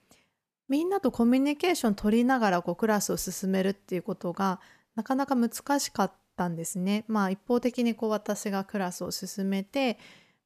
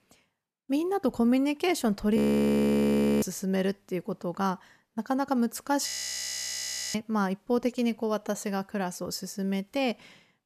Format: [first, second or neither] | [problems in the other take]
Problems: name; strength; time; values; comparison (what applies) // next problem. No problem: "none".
first | audio freezing; at 2 s for 1 s and at 6 s for 1 s